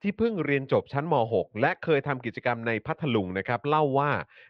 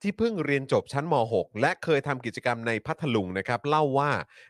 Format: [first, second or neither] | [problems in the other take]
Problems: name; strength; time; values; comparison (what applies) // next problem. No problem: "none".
second | muffled; slightly; fading above 3 kHz